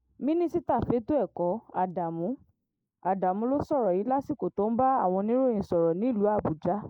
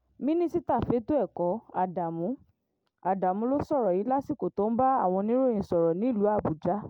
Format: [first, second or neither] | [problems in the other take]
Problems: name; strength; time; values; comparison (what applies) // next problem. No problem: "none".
second | noise reduction (neural mask model Resemble Enhance denoiser)